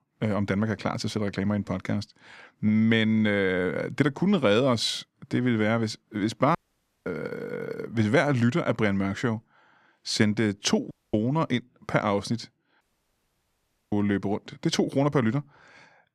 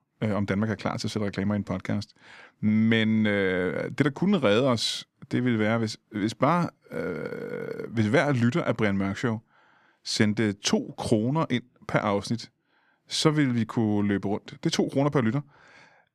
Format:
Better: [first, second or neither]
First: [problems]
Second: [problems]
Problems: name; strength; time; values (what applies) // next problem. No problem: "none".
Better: second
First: audio cutting out; at 6.5 s for 0.5 s, at 11 s and at 13 s for 1 s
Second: none